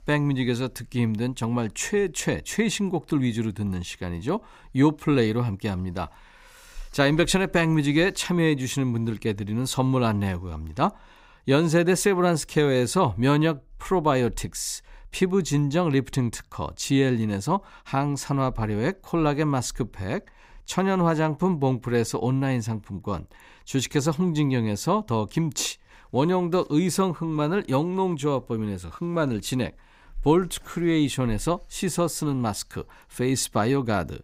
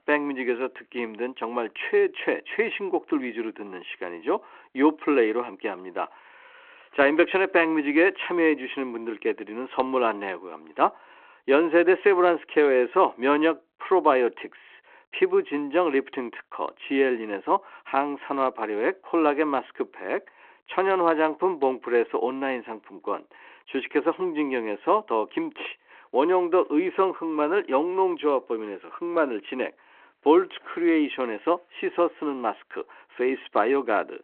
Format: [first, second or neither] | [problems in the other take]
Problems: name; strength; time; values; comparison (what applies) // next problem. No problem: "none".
first | phone-call audio